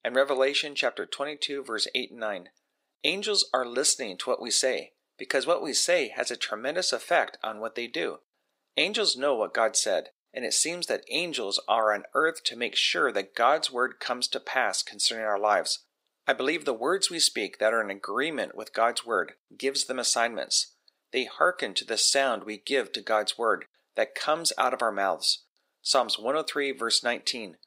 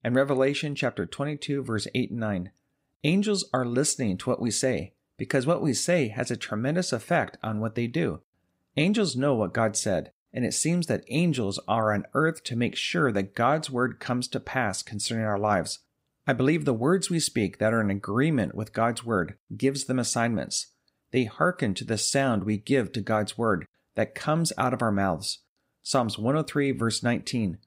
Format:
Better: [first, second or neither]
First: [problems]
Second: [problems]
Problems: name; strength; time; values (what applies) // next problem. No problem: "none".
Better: second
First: thin; very; fading below 450 Hz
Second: none